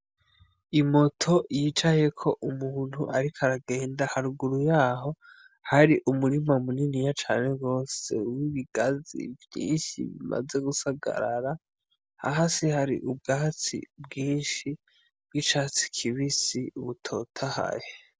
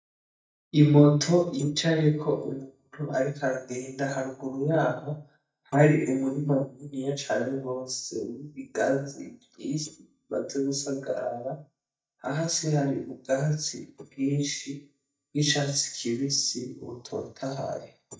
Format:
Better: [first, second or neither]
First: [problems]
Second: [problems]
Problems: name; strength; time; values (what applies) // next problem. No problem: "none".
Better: first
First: none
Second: noise reduction (neural mask model DeepFilterNet 3)